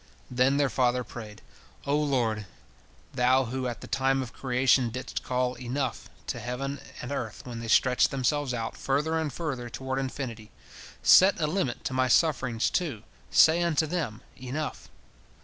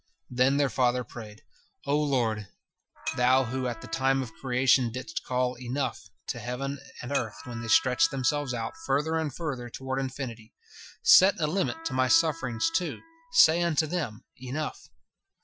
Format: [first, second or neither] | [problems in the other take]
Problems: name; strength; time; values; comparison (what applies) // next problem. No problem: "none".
first | noise reduction (classical method Wiener filter)